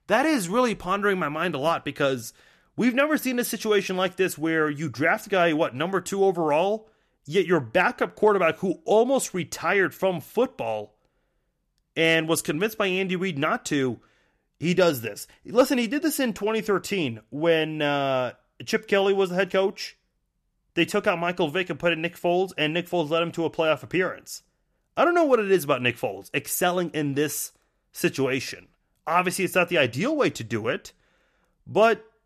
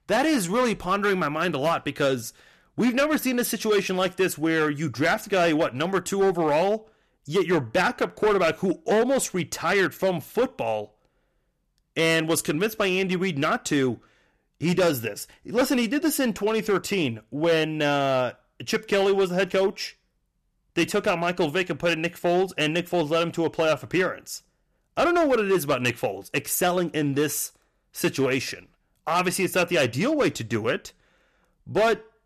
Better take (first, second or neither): first